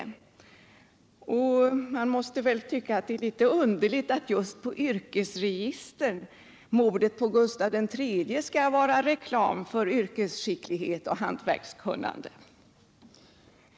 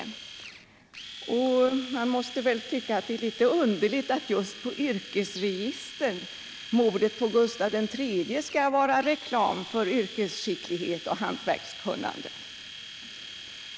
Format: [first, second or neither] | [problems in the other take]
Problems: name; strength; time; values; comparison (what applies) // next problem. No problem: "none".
first | background sound (Domestic sounds, home sounds); 14 dB below the speech